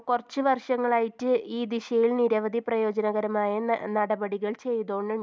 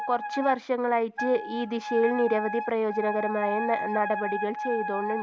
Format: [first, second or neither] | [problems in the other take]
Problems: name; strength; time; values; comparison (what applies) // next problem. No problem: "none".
first | background sound (Wind instrument, woodwind instrument); 6 dB below the speech